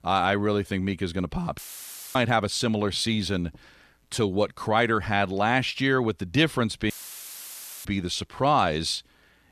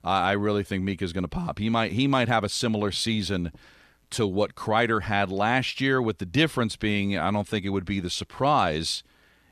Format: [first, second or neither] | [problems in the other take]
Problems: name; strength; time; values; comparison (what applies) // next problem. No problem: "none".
second | audio cutting out; filled with static; at 1.5 s for 0.5 s and at 7 s for 1 s